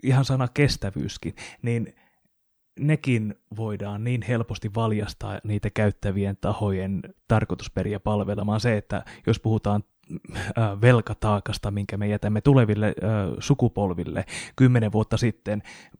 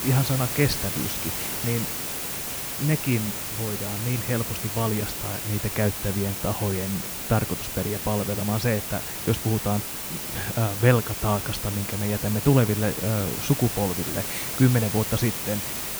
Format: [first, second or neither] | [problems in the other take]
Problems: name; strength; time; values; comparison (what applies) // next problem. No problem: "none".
first | hiss; loud; throughout; 3 dB below the speech